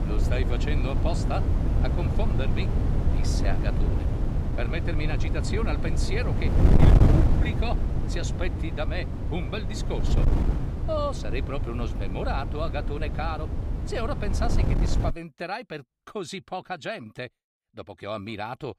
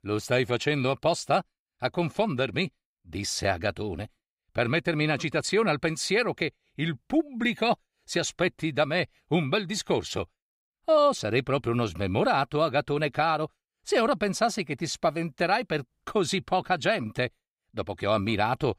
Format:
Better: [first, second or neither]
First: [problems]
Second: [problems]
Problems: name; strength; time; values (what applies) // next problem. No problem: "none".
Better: second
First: wind noise on the microphone; heavy; until 15 s; 2 dB below the speech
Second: none